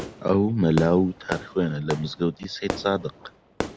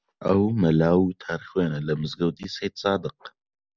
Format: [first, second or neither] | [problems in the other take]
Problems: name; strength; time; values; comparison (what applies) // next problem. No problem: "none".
second | background sound (Fireworks); 11 dB below the speech